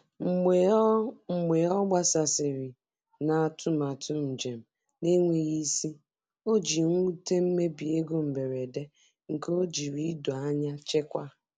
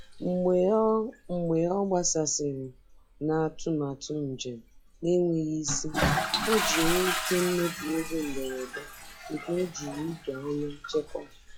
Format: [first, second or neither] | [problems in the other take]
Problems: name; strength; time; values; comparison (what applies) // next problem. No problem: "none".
first | noise reduction (classical method log-MMSE)